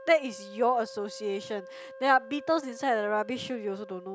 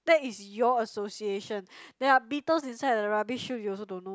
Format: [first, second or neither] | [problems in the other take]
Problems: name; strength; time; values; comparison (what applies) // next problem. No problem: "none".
second | background sound (Wind instrument, woodwind instrument); 17 dB below the speech